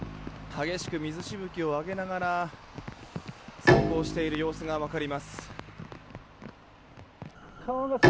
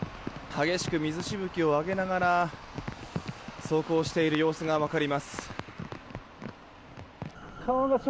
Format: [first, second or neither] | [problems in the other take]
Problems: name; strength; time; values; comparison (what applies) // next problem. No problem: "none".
second | background sound (Bowed string instrument); 2 dB above the speech